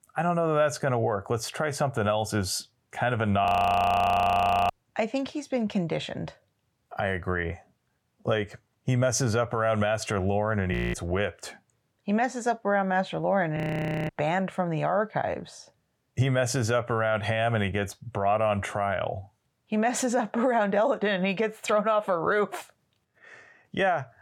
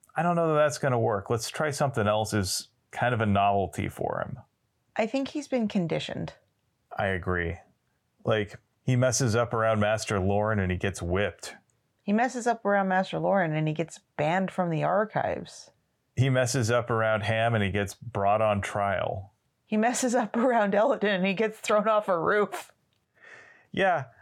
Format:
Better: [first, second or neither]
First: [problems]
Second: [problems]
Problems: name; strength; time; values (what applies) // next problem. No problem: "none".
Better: second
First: audio freezing; at 3.5 s for 1 s, at 11 s and at 14 s for 0.5 s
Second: none